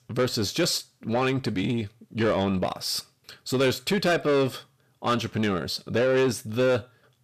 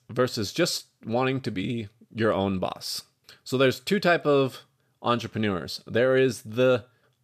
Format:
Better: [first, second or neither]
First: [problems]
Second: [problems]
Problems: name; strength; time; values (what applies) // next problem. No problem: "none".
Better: second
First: distortion; slight; 10 dB below the speech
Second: none